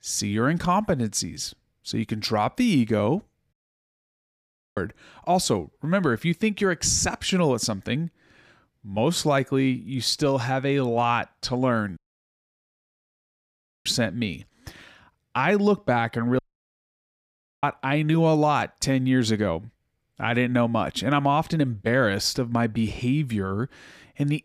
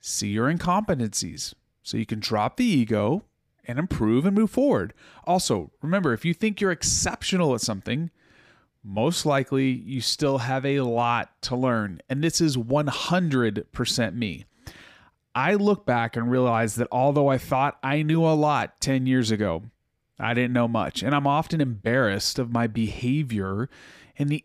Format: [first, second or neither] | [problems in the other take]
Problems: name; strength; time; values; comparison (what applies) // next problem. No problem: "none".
second | audio cutting out; at 3.5 s for 1 s, at 12 s for 2 s and at 16 s for 1 s